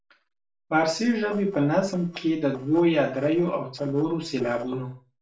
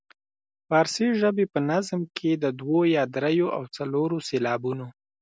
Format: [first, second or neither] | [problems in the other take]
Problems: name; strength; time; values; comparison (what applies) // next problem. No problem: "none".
second | noise reduction (neural separator model SepFormer DNS4)